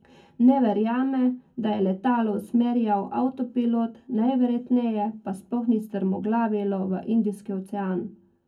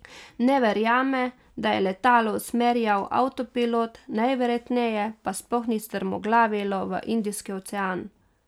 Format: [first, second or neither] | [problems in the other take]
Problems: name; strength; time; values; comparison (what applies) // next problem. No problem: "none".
second | room echo; dies away in 0.3 s